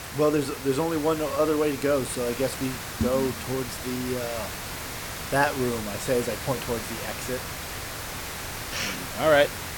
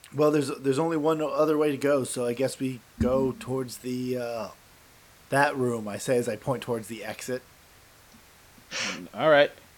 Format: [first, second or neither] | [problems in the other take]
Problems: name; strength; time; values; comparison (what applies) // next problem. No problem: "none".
second | hiss; loud; throughout; 7 dB below the speech; faint in the second